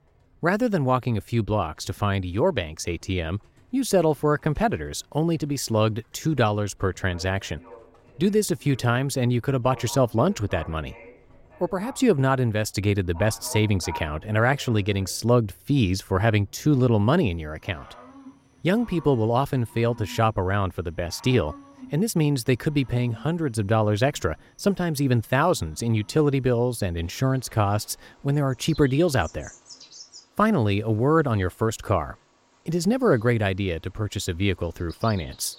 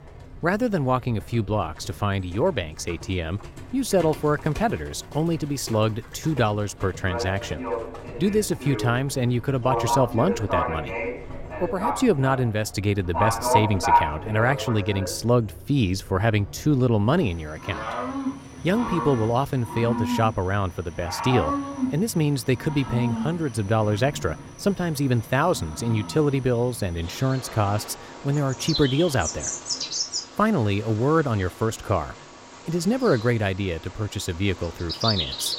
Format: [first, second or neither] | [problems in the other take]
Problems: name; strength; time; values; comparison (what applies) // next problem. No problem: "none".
first | animal sounds; loud; throughout; 5 dB below the speech; faint in the first